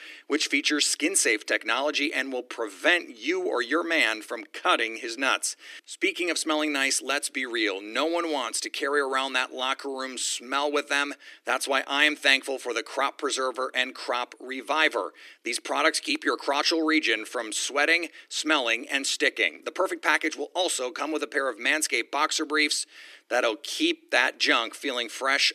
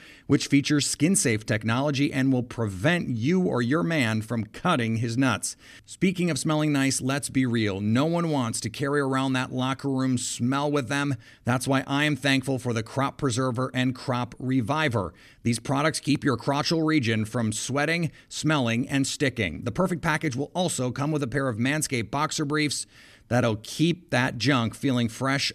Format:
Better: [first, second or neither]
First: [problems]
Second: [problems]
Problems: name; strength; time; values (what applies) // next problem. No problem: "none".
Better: second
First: thin; very; fading below 300 Hz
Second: none